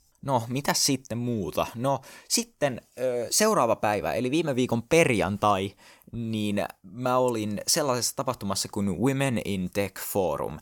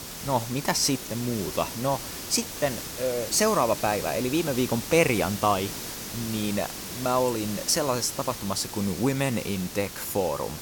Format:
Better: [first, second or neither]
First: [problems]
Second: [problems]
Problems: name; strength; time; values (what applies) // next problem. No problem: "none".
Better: first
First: none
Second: hiss; loud; throughout; 8 dB below the speech